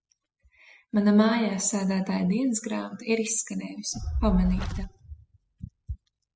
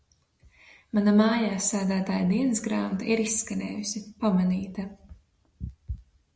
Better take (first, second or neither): second